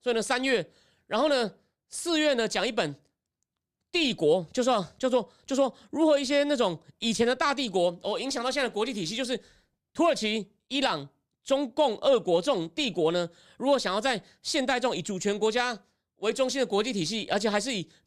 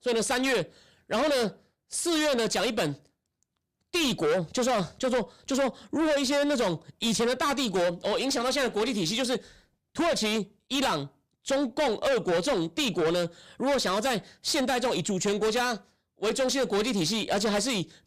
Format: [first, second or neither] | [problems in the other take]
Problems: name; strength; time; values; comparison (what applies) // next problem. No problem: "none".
first | distortion; heavy; 7 dB below the speech